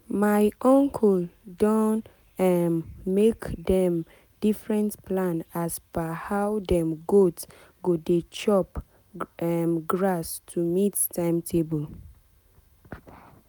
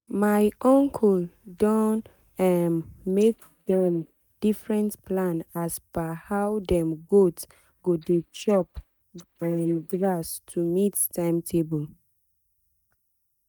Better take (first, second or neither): first